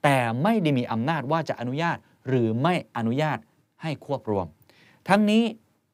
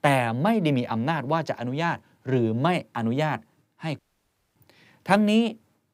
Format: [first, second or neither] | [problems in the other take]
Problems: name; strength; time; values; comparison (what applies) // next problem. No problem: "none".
first | audio cutting out; at 4 s for 0.5 s